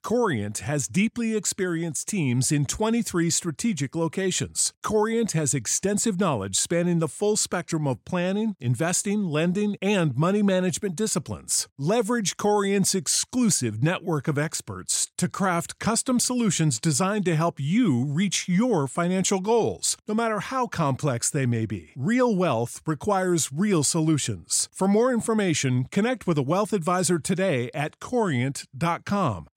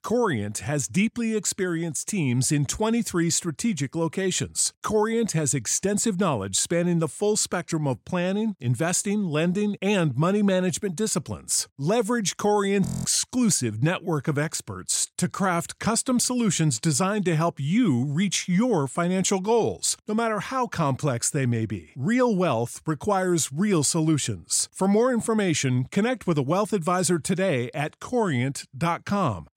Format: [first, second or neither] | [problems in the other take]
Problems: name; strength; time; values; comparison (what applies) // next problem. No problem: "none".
first | audio freezing; at 13 s